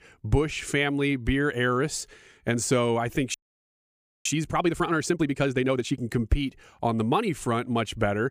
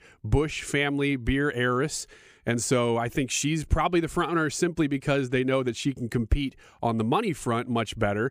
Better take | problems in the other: second | audio freezing; at 3.5 s for 1 s

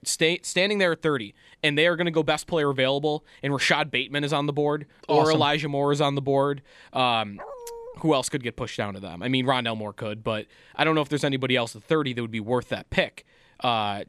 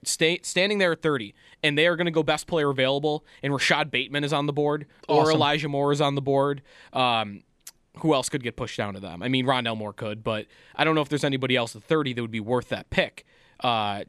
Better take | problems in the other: second | dog barking; faint; at 7.5 s; peak 15 dB below the speech

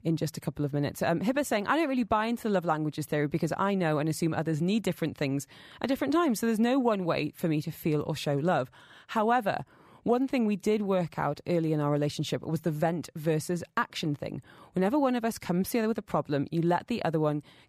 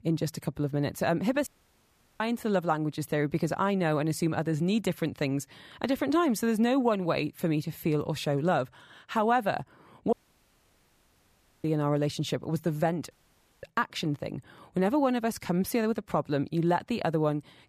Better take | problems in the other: first | audio cutting out; at 1.5 s for 0.5 s, at 10 s for 1.5 s and at 13 s for 0.5 s

